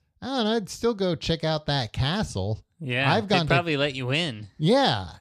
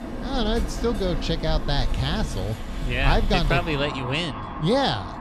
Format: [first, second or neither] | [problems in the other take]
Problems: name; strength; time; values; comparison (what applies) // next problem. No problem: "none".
first | traffic noise; loud; throughout; 5 dB below the speech